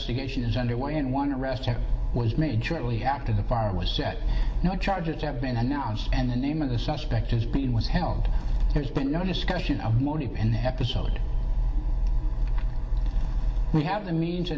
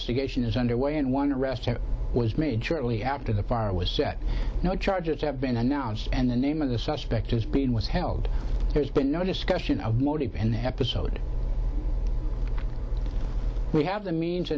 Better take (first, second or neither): second